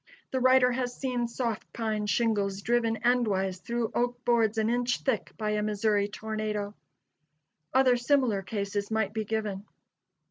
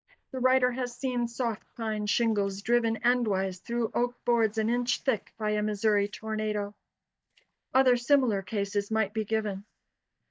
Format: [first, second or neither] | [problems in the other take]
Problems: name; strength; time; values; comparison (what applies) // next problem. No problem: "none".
first | noise reduction (neural mask model DeepFilterNet 3)